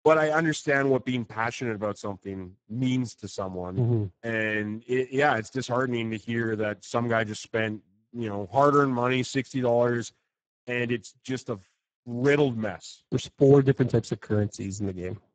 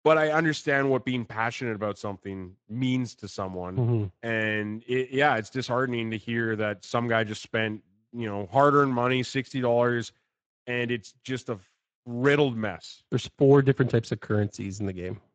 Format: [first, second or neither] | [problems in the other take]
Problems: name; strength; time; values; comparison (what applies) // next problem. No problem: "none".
second | garbled, watery; badly; nothing above 7.5 kHz; slightly in the second